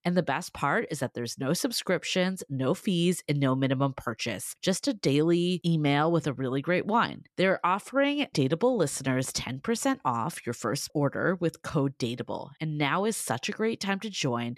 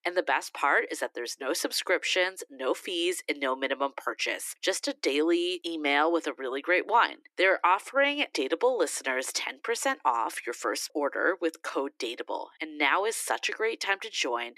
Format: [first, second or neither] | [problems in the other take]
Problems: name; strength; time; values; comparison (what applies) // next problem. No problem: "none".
first | thin; very; fading below 300 Hz